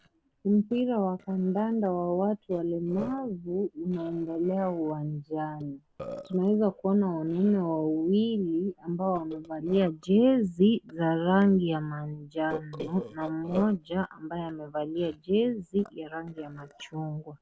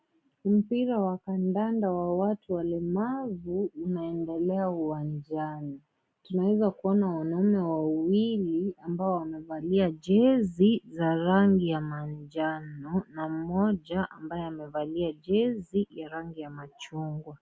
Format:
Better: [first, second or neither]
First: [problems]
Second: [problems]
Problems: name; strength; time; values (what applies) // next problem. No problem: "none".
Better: second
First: noise reduction (neural separator model SepFormer DNS4)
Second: none